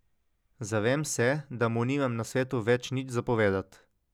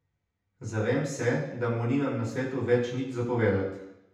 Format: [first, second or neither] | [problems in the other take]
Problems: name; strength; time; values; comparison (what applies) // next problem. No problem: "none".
first | room echo; dies away in 0.8 s